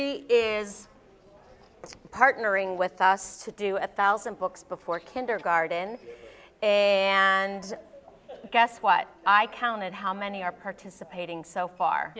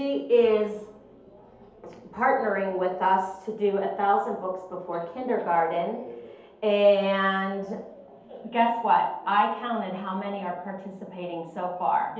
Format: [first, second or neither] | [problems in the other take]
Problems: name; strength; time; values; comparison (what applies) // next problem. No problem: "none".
first | room echo; dies away in 2.2 s